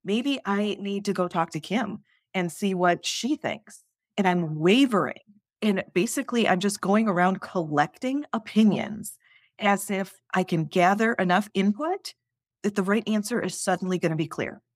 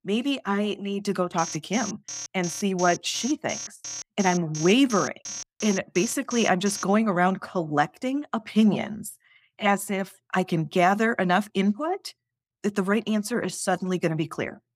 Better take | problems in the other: first | alarm; noticeable; from 1.5 to 7 s; peak 8 dB below the speech

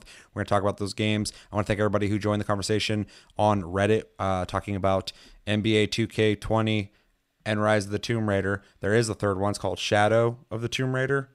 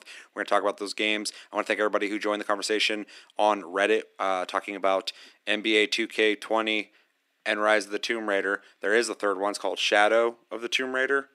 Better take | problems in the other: first | thin; somewhat; fading below 250 Hz

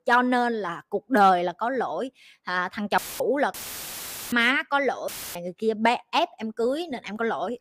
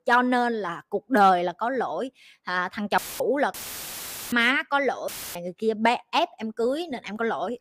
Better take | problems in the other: neither | audio cutting out; filled with static; at 3 s, at 3.5 s for 1 s and at 5 s; the same in both

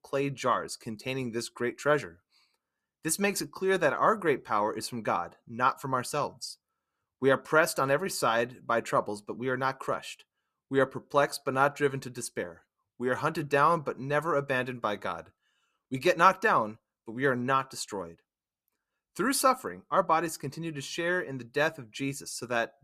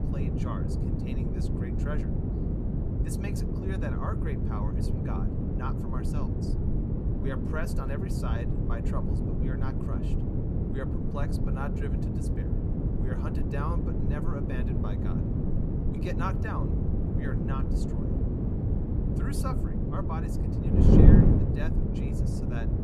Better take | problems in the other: first | wind noise on the microphone; heavy; 3 dB above the speech

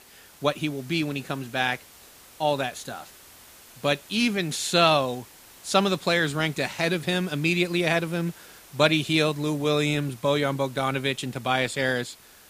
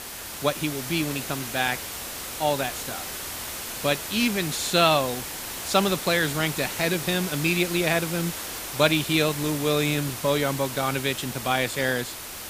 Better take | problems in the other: first | hiss; loud; throughout; 7 dB below the speech; faint in the first

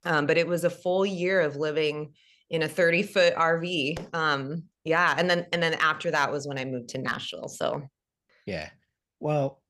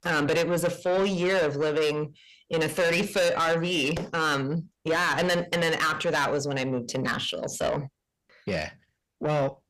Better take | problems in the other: first | distortion; heavy; 7 dB below the speech

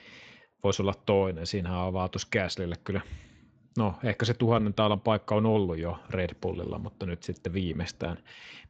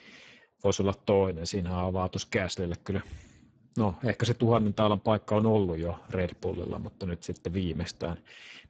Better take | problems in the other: first | garbled, watery; badly; slightly in the first

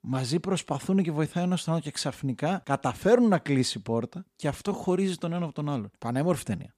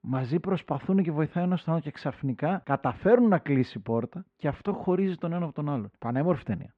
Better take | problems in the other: first | muffled; very; fading above 2.5 kHz

